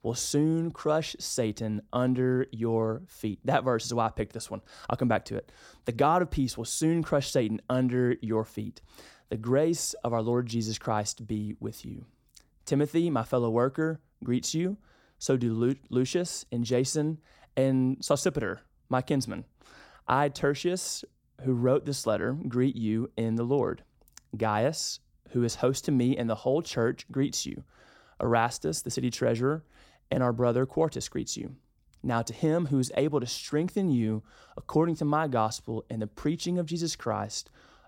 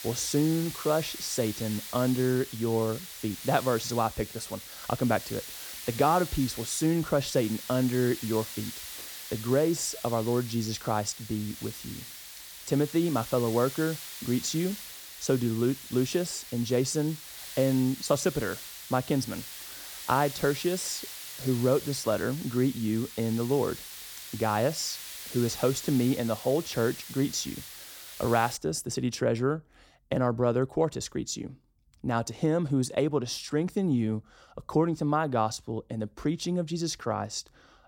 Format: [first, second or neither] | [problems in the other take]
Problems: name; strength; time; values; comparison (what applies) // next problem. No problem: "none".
first | hiss; noticeable; until 29 s; 10 dB below the speech